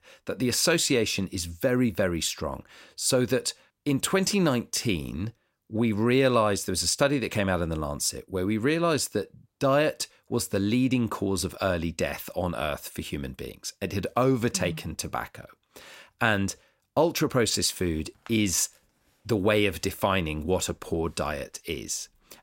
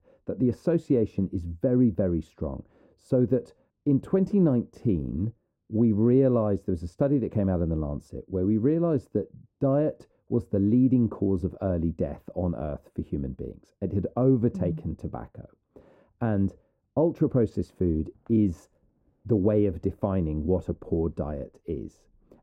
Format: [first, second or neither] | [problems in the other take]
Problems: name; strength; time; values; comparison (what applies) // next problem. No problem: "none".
first | muffled; very; fading above 1 kHz